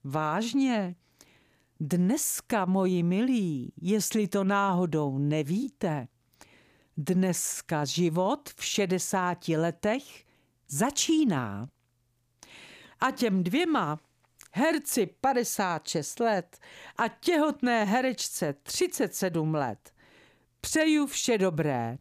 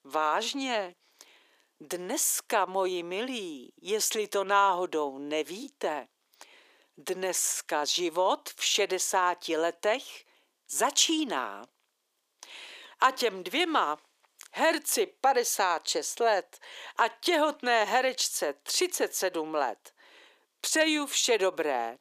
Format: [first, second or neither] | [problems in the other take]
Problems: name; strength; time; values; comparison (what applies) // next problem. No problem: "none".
first | thin; very; fading below 350 Hz